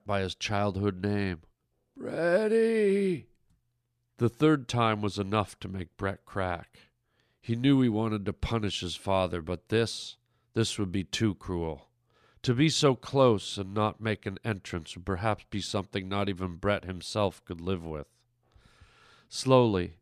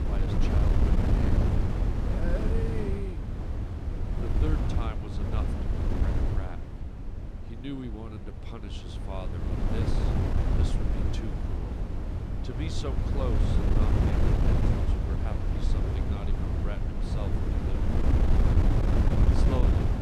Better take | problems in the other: first | wind noise on the microphone; heavy; 5 dB above the speech

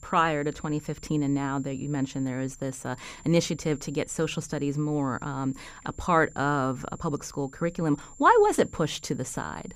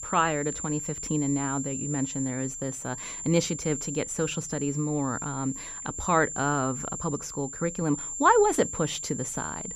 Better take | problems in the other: first | high-pitched whine; loud; throughout; 7.5 kHz, 6 dB below the speech; faint in the first

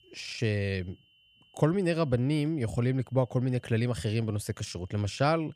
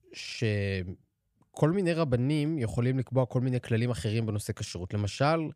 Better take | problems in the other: second | high-pitched whine; faint; throughout; 3 kHz, 35 dB below the speech

